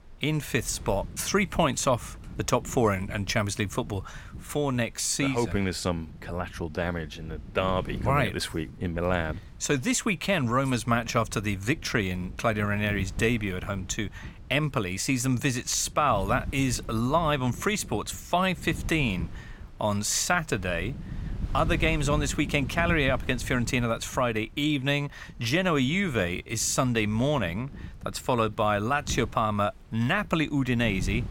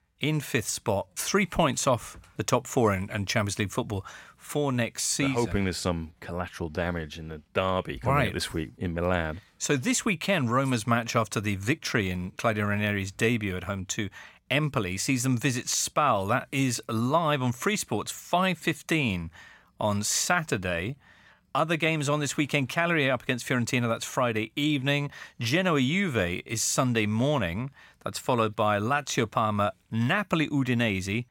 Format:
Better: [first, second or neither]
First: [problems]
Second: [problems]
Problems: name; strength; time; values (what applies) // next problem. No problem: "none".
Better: second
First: wind noise on the microphone; occasional gusts; 25 dB below the speech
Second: none